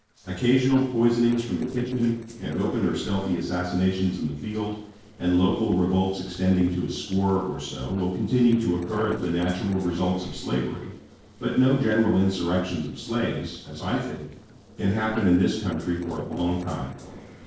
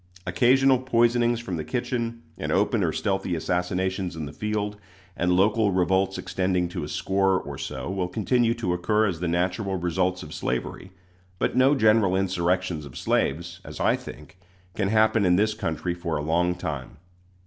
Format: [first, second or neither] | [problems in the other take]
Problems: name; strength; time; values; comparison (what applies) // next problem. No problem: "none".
second | noise reduction (neural separator model SepFormer DNS4)